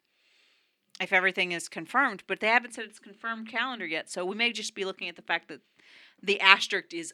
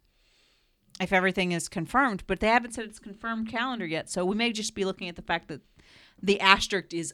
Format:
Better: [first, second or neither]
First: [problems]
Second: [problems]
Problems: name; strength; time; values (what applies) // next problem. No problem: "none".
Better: second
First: thin; somewhat; fading below 300 Hz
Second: none